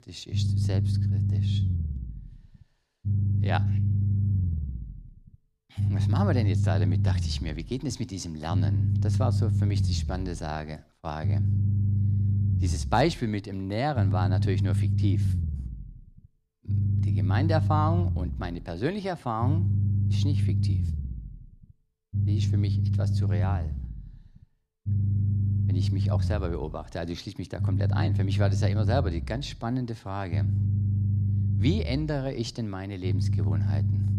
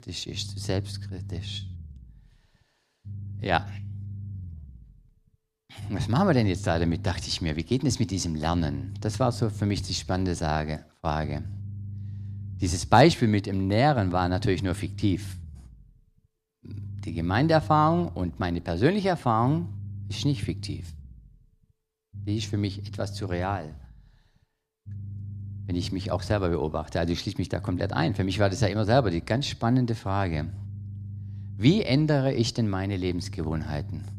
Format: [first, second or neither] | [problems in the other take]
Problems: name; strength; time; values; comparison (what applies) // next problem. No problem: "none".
second | low rumble; loud; throughout; 6 dB below the speech; faint in the second